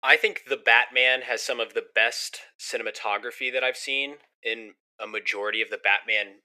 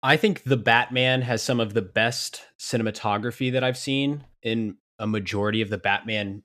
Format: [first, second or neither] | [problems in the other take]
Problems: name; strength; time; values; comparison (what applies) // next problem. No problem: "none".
second | thin; very; fading below 450 Hz